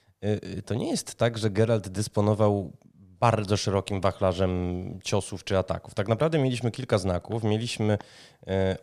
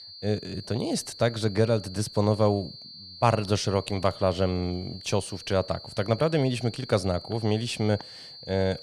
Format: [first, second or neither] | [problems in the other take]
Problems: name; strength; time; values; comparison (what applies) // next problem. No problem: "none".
first | high-pitched whine; noticeable; throughout; 4.5 kHz, 15 dB below the speech